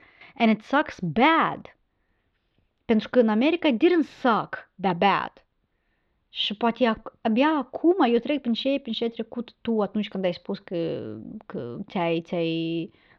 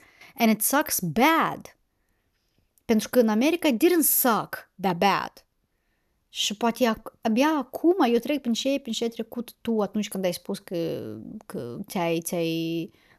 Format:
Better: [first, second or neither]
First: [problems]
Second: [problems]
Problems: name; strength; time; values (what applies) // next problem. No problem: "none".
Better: second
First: muffled; slightly; fading above 4 kHz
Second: none